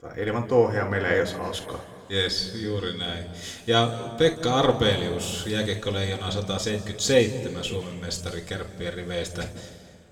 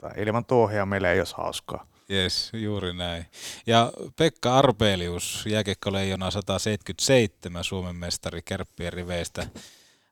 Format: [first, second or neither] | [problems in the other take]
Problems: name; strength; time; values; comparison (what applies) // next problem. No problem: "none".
second | room echo; noticeable; dies away in 1.7 s // off-mic speech; somewhat distant